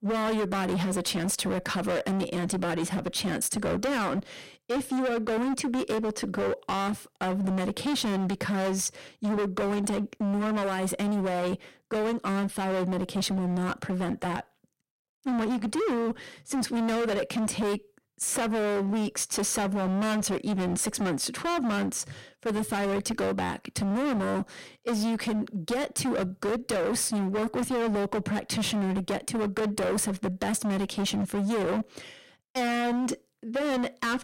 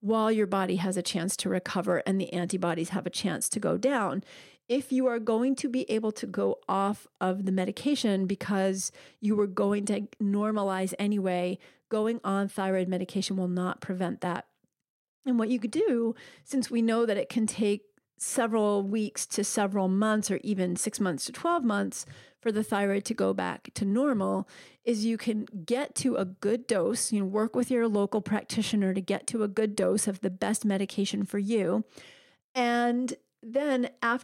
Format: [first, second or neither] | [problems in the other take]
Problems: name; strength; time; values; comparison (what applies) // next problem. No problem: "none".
second | distortion; heavy; 32% of the sound clipped